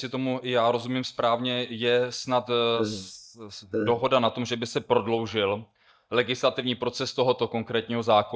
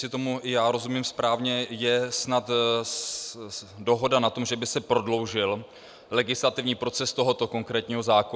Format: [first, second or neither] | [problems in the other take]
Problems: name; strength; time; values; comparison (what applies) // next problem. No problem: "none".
second | noise reduction (neural mask model DeepFilterNet 3)